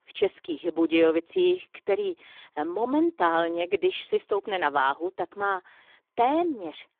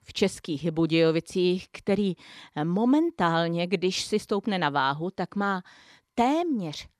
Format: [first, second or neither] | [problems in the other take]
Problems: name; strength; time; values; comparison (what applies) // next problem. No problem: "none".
second | phone-call audio; poor line; nothing above 3.5 kHz